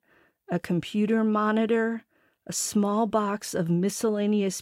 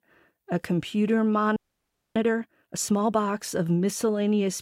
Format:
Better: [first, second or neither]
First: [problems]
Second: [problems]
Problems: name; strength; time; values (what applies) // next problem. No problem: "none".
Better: first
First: none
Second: audio freezing; at 1.5 s for 0.5 s